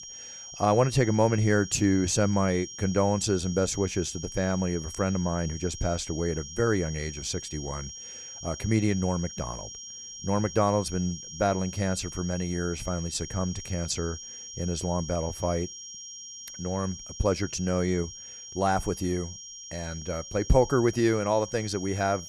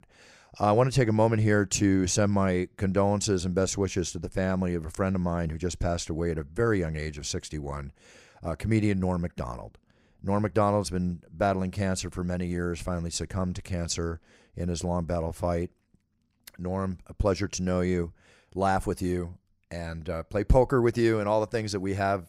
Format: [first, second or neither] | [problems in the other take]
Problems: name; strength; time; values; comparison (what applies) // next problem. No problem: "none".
second | high-pitched whine; noticeable; throughout; 5.5 kHz, 10 dB below the speech